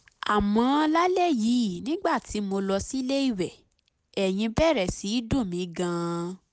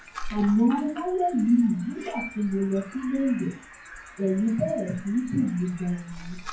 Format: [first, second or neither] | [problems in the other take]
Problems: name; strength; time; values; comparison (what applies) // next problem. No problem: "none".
first | noise reduction (classical method WPE with log-MMSE)